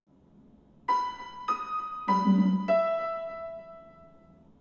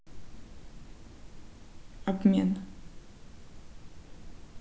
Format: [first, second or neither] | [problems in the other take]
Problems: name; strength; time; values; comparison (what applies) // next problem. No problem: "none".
second | background sound (Piano); 2 dB above the speech // room echo; dies away in 1.2 s